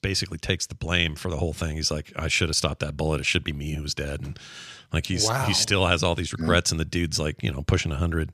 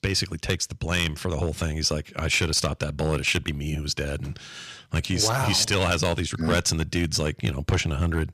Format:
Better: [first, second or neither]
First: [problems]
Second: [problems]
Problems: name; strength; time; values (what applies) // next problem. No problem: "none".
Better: first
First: none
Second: distortion; slight; 3% of the sound clipped